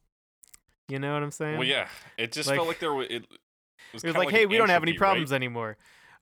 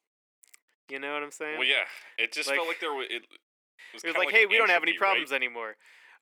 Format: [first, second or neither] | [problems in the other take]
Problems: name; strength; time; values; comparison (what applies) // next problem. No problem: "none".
first | thin; somewhat; fading below 300 Hz